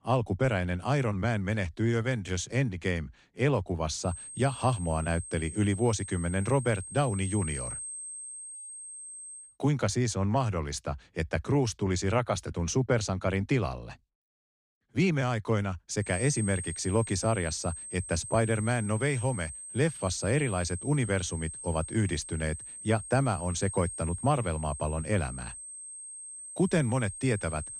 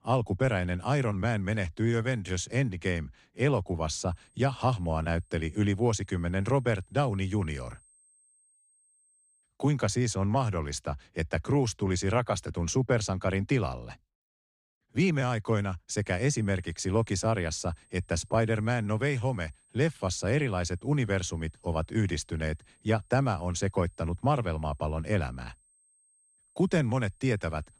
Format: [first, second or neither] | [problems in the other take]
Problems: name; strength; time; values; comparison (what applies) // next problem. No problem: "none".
second | high-pitched whine; loud; from 4 to 9.5 s and from 16 s on; 8.5 kHz, 9 dB below the speech; faint in the second